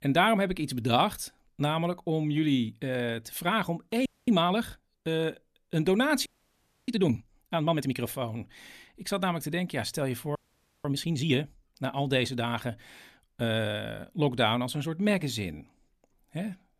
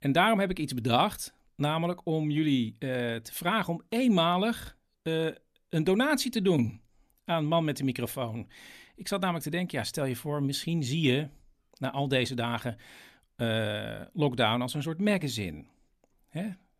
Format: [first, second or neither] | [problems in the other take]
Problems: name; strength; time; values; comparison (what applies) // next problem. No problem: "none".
second | audio freezing; at 4 s, at 6.5 s for 0.5 s and at 10 s